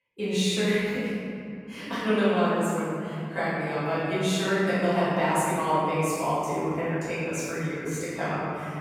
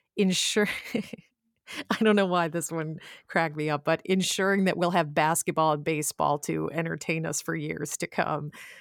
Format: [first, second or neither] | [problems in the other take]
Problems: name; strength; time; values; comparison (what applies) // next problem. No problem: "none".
second | room echo; strong; dies away in 2.6 s // off-mic speech; far